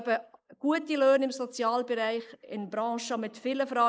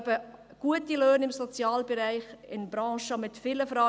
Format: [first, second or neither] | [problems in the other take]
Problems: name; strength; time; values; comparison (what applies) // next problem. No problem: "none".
second | noise reduction (neural mask model Resemble Enhance denoiser)